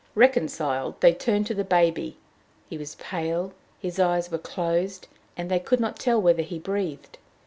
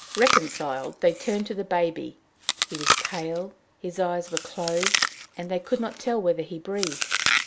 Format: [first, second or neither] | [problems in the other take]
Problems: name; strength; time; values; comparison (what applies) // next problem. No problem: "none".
first | background sound (Chewing, mastication); 1 dB below the speech